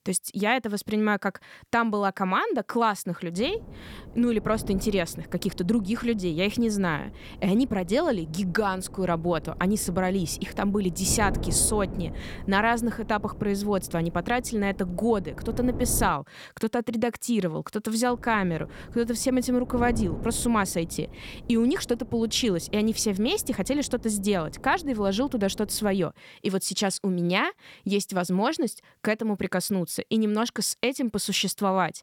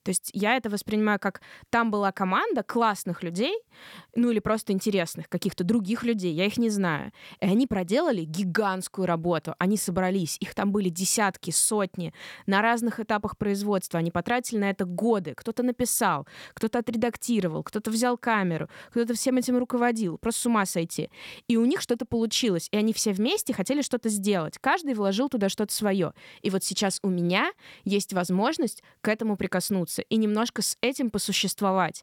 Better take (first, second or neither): second